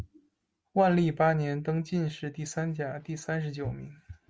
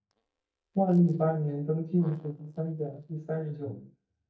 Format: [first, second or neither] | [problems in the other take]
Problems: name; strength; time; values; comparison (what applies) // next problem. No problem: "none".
first | noise reduction (neural mask model DeepFilterNet 3)